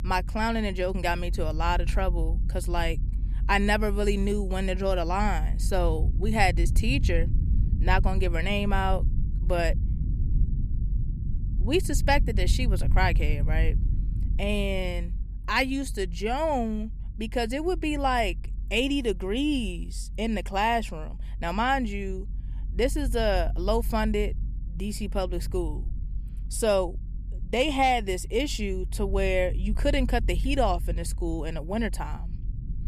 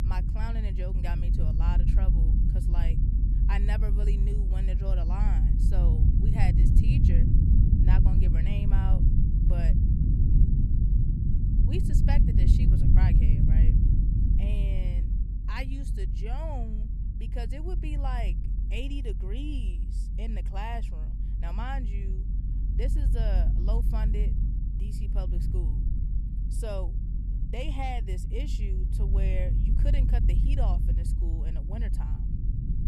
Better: first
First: low rumble; faint; throughout; 20 dB below the speech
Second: low rumble; loud; throughout; 1 dB below the speech

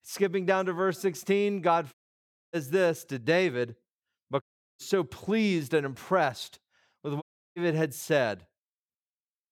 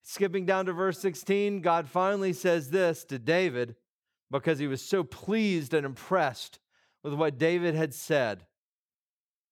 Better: second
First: audio cutting out; at 2 s for 0.5 s, at 4.5 s and at 7 s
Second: none

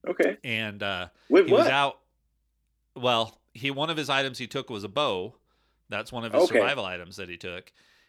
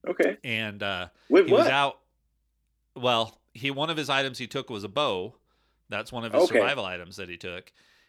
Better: neither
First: none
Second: none

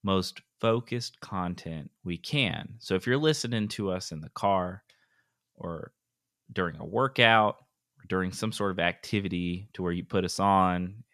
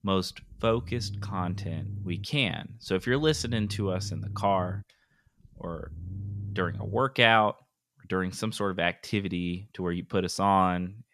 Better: first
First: none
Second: low rumble; faint; until 7 s; 25 dB below the speech

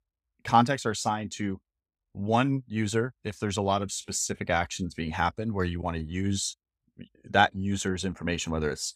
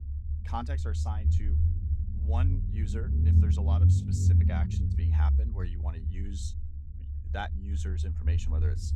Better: first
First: none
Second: low rumble; loud; throughout; 1 dB below the speech

